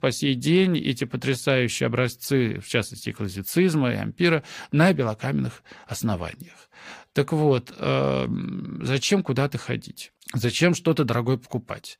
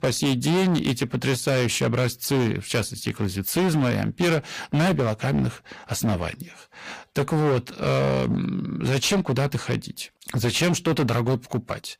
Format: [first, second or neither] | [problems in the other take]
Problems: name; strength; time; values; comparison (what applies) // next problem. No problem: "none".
first | distortion; heavy; 19% of the sound clipped